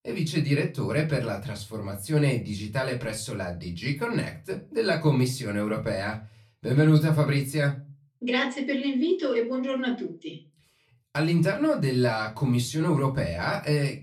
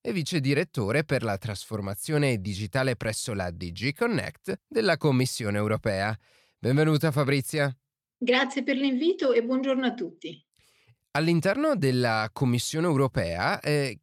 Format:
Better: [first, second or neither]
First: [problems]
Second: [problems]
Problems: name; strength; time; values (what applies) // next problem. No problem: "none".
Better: second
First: off-mic speech; far // room echo; very slight; dies away in 0.2 s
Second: none